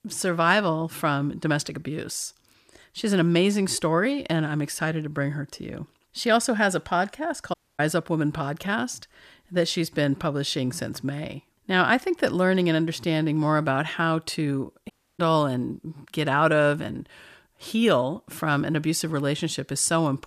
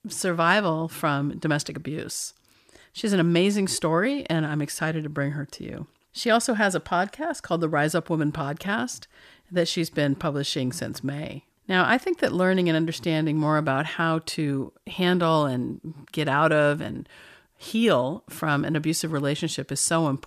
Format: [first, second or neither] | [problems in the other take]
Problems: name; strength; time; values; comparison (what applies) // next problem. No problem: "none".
second | audio cutting out; at 7.5 s and at 15 s